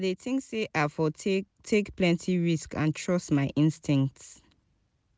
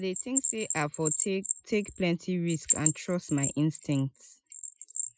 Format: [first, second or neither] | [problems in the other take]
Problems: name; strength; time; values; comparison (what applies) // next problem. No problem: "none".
first | noise reduction (classical method Wiener filter)